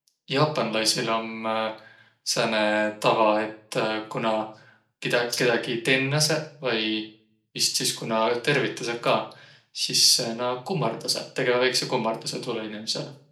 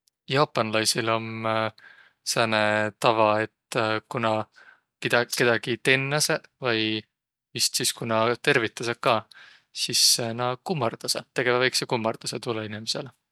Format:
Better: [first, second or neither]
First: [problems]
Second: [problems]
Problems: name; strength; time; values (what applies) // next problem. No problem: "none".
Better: second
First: room echo; dies away in 0.4 s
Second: none